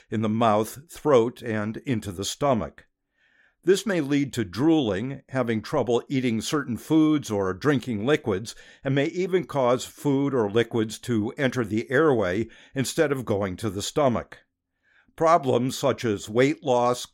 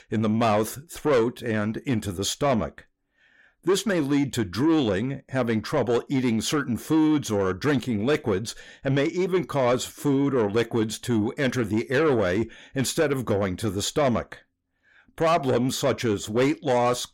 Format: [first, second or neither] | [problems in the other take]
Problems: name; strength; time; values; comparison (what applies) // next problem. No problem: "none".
first | distortion; slight; 10 dB below the speech